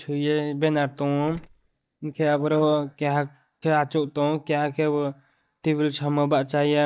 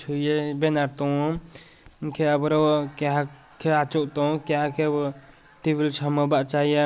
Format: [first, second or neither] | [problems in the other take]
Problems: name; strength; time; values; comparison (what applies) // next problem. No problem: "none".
second | noise reduction (neural mask model DeepFilterNet 3)